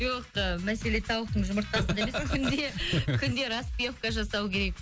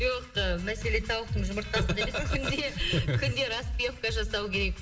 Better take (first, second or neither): first